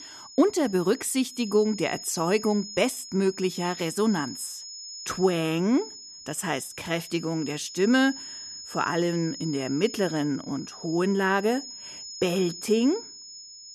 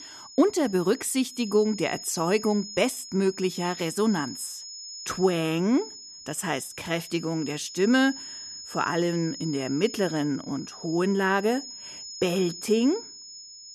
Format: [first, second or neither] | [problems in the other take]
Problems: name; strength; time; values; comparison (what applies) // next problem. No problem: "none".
neither | high-pitched whine; noticeable; throughout; 5 kHz, 15 dB below the speech; the same in both